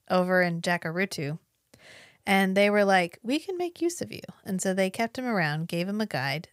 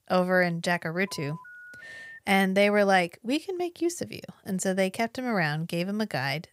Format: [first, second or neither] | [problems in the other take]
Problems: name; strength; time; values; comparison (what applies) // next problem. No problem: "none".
first | phone ringing; faint; from 1 to 2 s; peak 15 dB below the speech